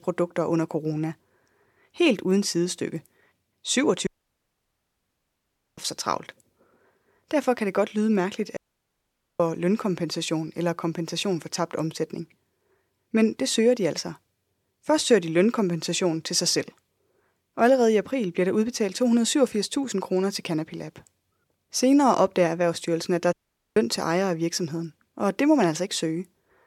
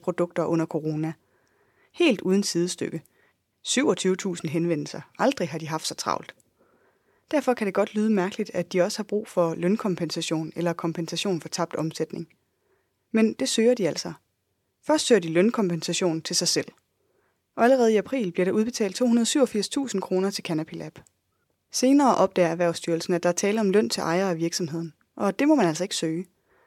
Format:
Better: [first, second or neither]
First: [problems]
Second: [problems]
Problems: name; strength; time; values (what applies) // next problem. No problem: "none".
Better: second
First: audio cutting out; at 4 s for 1.5 s, at 8.5 s for 1 s and at 23 s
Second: none